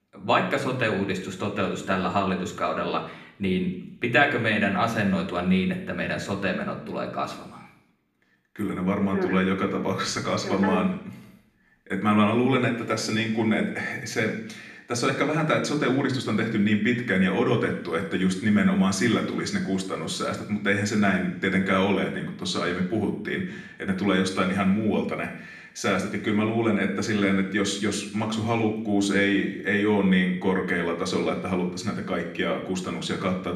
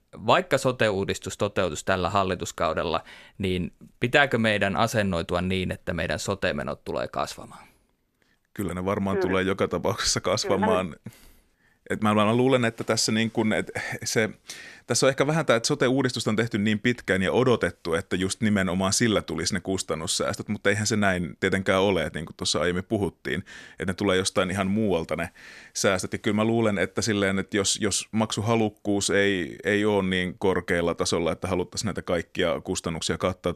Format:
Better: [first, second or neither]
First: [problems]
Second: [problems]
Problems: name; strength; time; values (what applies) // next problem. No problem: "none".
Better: second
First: room echo; slight; dies away in 0.8 s // off-mic speech; somewhat distant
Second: none